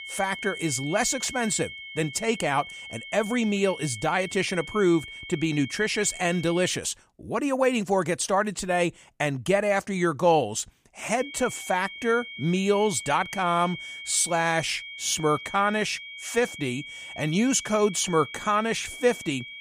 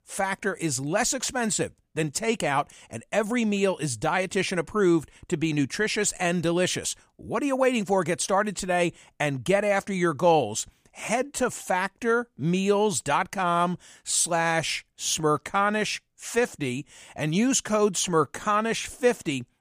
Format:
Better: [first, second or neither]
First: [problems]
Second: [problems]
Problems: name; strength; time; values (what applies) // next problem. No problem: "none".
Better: second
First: high-pitched whine; noticeable; until 6.5 s and from 11 s on; 2 kHz, 10 dB below the speech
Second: none